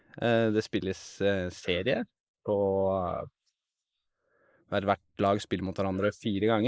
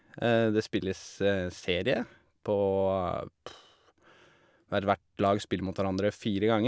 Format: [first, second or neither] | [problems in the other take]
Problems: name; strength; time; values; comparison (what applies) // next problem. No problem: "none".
second | noise reduction (neural mask model Resemble Enhance denoiser)